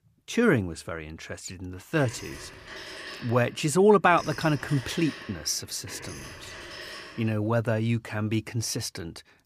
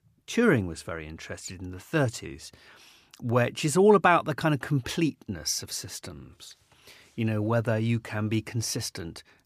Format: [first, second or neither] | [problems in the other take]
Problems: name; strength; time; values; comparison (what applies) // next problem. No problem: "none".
second | phone ringing; faint; from 2 to 7.5 s; peak 10 dB below the speech